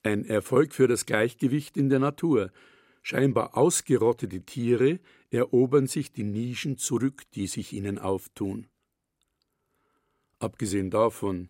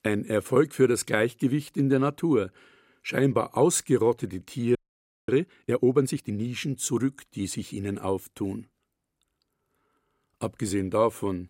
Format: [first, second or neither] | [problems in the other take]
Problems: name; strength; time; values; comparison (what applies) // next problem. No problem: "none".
first | audio freezing; at 5 s for 0.5 s